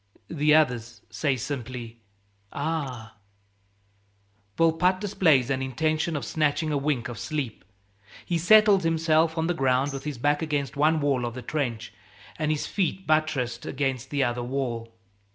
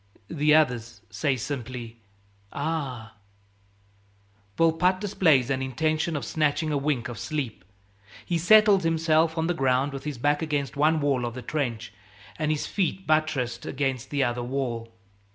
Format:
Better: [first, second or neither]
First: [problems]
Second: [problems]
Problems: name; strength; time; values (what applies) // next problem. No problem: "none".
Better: second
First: noise reduction (neural separator model SepFormer DNS4)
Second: none